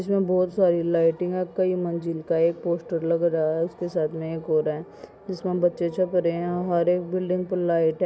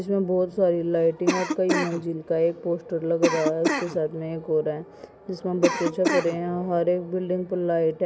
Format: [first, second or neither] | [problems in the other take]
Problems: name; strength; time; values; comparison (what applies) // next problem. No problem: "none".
first | background sound (Cough); 3 dB below the speech